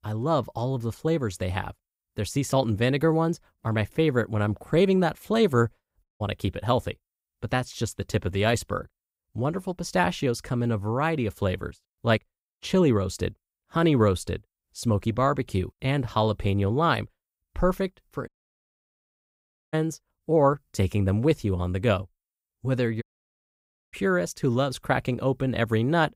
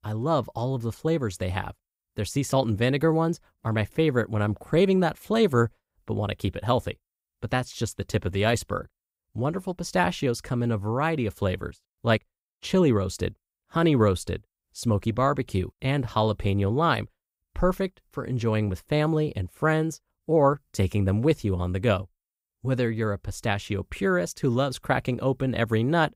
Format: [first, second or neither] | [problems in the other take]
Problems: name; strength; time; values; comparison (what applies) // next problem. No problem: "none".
second | audio cutting out; at 6 s, at 18 s for 1.5 s and at 23 s for 1 s